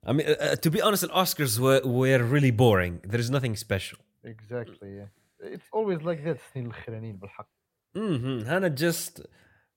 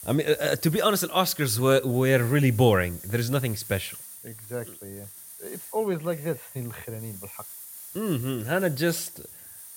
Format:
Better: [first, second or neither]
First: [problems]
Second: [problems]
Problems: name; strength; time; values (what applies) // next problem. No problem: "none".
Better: first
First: none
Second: hiss; noticeable; throughout; 15 dB below the speech